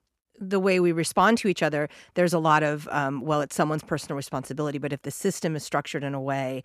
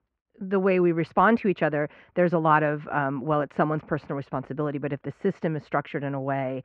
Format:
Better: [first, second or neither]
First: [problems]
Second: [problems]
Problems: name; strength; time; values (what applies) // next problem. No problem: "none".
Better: first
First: none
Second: muffled; very; fading above 2 kHz